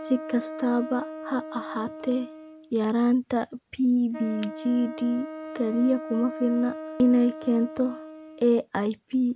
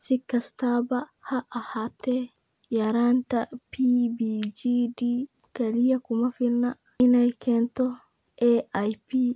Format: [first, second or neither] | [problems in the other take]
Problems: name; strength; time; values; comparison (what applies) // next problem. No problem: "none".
second | background sound (Wind instrument, woodwind instrument); 13 dB below the speech